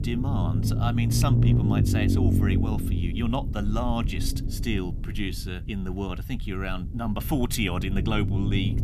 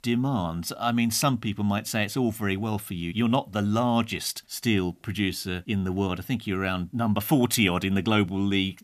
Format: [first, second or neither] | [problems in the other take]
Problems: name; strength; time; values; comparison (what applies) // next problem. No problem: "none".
second | low rumble; loud; throughout; 3 dB below the speech